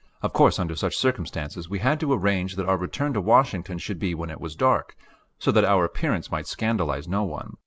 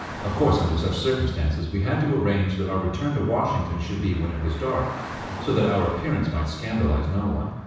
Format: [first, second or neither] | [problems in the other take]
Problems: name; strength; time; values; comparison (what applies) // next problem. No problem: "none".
first | background sound (Traffic noise, roadway noise / Car); 14 dB below the speech // room echo; dies away in 1.1 s